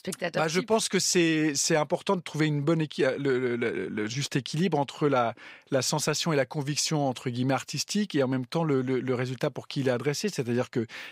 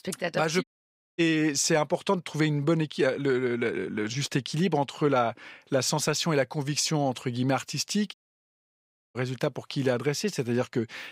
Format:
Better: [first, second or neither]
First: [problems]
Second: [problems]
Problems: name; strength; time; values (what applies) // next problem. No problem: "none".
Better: first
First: none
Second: audio cutting out; at 0.5 s for 0.5 s and at 8 s for 1 s